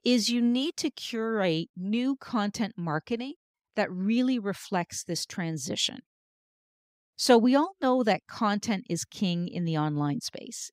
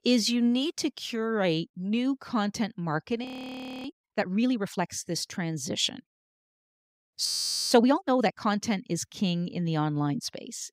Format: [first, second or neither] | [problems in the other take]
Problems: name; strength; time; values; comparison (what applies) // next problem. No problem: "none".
first | audio freezing; at 3.5 s for 0.5 s and at 7.5 s